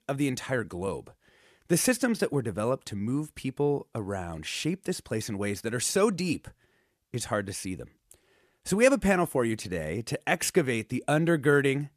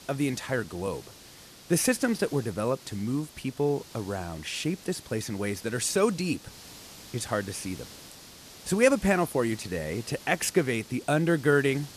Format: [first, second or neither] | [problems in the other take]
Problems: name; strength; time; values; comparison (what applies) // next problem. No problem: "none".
first | hiss; noticeable; throughout; 20 dB below the speech